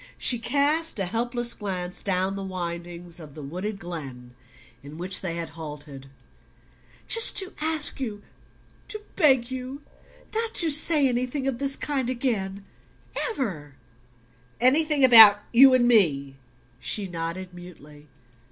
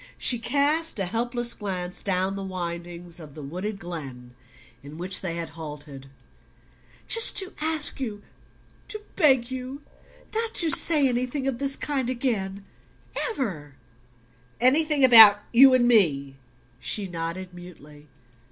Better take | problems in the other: first | background sound (Splash, splatter); 19 dB below the speech

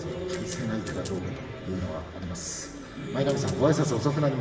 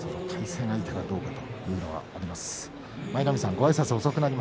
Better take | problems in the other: second | background sound (Coin (dropping)); 18 dB below the speech // room echo; dies away in 1.1 s

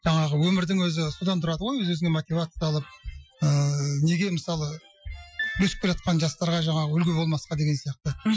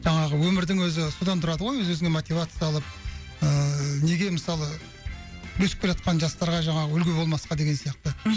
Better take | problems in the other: second | noise reduction (classical method Wiener filter)

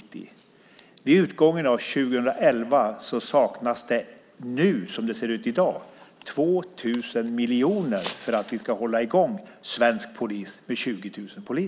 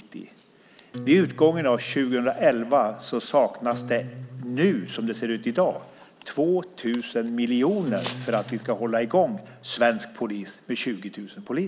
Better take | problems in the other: first | background sound (Acoustic guitar); 15 dB below the speech

